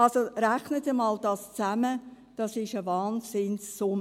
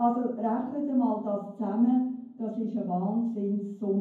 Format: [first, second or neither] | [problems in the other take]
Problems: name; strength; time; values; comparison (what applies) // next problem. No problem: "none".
first | room echo; dies away in 0.9 s